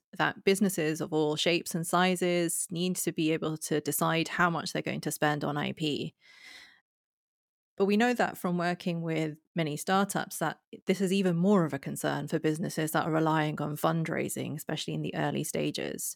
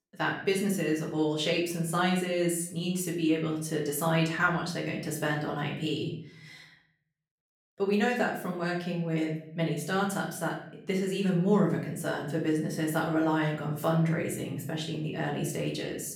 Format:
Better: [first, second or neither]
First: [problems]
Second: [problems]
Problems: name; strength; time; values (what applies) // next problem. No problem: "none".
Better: first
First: none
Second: room echo; slight; dies away in 0.6 s // off-mic speech; far